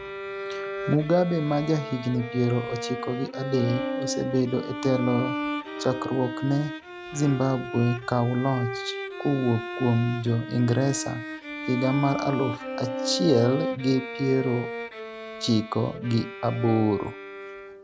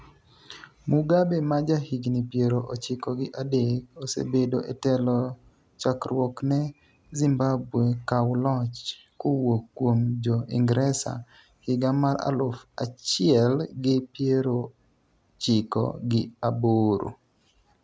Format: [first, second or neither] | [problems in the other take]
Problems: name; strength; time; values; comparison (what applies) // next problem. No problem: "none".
second | background sound (Bowed string instrument); 7 dB below the speech